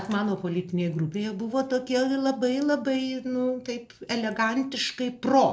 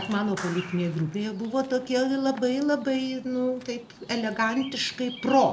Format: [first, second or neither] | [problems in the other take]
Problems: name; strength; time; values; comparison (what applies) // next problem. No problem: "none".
first | background sound (Bird vocalization, bird call, bird song + Clapping); 18 dB below the speech